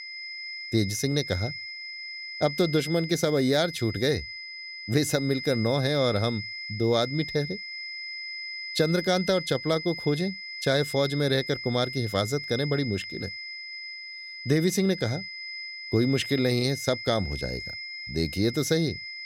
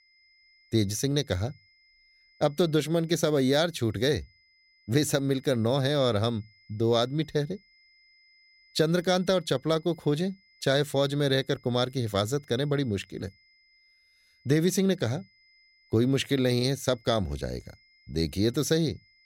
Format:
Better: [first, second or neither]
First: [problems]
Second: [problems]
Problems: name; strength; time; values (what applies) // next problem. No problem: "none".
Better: second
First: high-pitched whine; loud; throughout; 2 kHz, 8 dB below the speech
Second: high-pitched whine; faint; throughout; 2 kHz, 30 dB below the speech